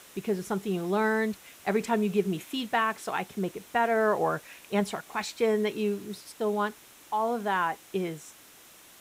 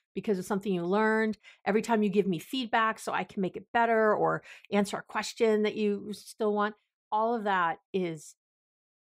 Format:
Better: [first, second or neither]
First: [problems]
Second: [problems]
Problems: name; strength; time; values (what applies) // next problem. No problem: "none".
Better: second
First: hiss; faint; throughout; 20 dB below the speech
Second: none